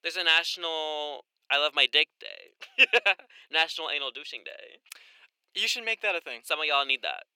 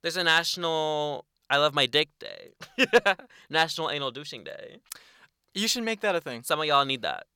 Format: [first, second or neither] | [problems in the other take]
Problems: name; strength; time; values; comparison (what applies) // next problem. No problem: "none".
second | thin; somewhat; fading below 350 Hz